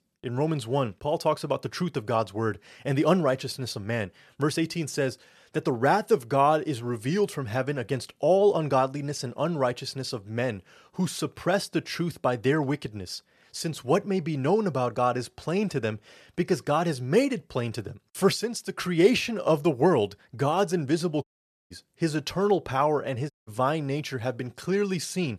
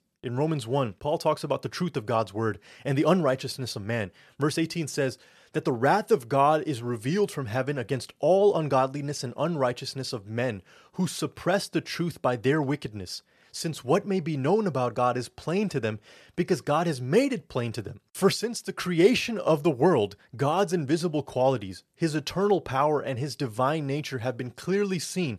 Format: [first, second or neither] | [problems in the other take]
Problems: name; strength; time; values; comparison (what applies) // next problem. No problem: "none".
second | audio cutting out; at 21 s and at 23 s